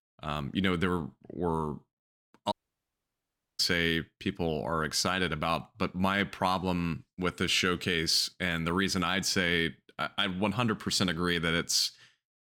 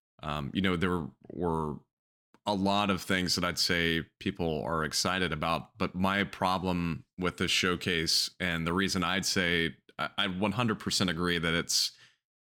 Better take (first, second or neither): second